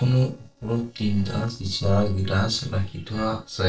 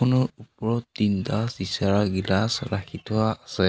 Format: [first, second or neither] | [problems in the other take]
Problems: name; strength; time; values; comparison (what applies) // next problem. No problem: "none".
second | noise reduction (neural separator model SepFormer DNS4)